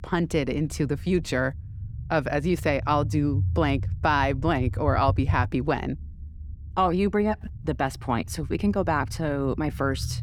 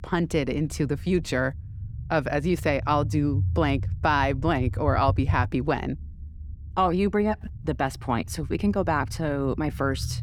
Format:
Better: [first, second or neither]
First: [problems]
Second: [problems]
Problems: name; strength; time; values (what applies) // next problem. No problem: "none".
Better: neither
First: low rumble; faint; throughout; 20 dB below the speech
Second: low rumble; faint; throughout; 20 dB below the speech